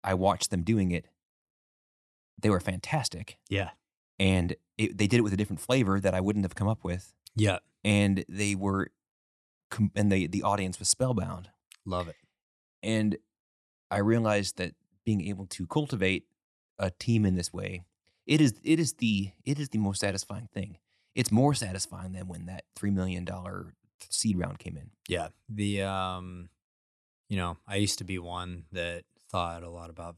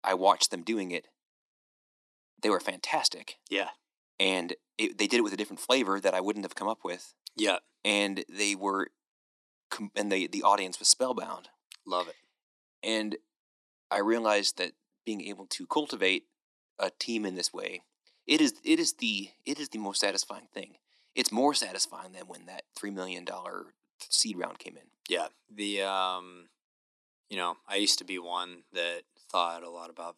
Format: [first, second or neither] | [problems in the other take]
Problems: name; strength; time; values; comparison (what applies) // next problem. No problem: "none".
first | thin; somewhat; fading below 250 Hz